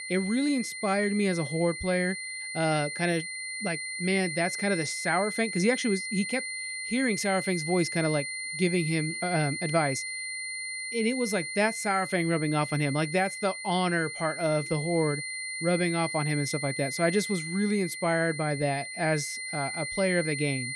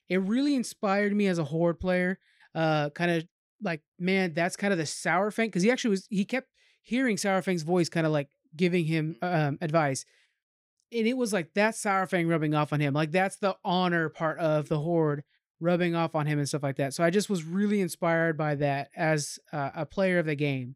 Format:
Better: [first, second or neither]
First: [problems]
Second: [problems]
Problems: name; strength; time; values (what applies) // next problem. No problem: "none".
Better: second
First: high-pitched whine; loud; throughout; 2 kHz, 5 dB below the speech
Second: none